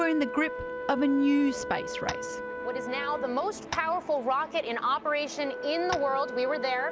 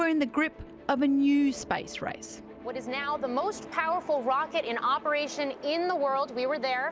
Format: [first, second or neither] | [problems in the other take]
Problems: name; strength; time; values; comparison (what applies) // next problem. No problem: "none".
second | background sound (Tap + Wind instrument, woodwind instrument); 8 dB below the speech